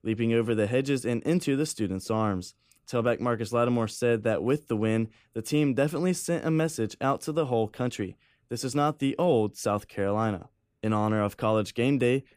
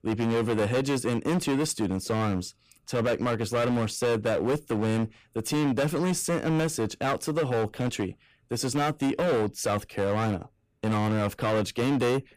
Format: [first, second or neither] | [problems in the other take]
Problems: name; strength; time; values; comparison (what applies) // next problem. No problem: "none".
first | distortion; heavy; 17% of the sound clipped